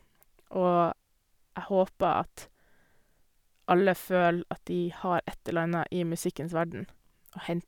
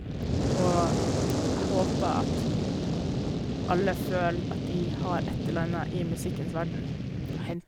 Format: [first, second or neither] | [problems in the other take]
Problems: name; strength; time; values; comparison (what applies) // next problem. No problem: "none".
first | background sound (Fire); 4 dB above the speech